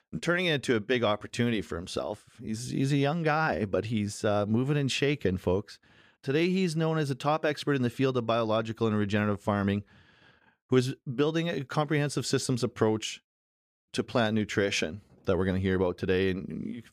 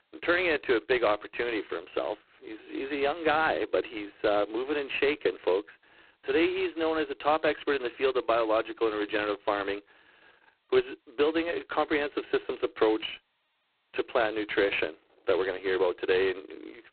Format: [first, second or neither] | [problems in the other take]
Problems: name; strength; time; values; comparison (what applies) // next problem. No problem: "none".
first | phone-call audio; poor line; nothing above 4 kHz